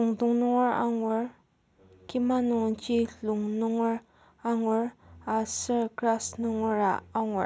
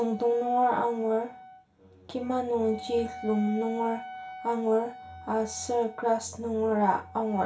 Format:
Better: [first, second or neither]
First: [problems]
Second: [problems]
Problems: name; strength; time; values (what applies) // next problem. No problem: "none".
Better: first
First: none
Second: background sound (Wind instrument, woodwind instrument); 16 dB below the speech // room echo; dies away in 0.3 s